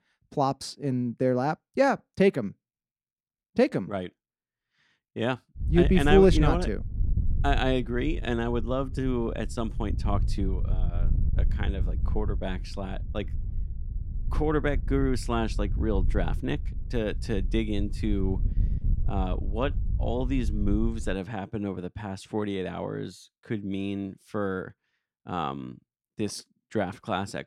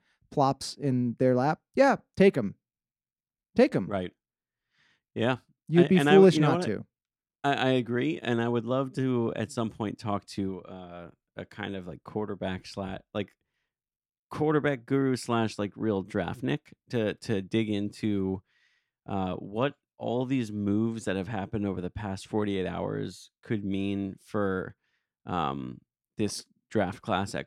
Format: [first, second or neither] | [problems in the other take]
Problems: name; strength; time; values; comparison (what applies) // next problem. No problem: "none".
second | wind noise on the microphone; occasional gusts; from 5.5 to 21 s; 20 dB below the speech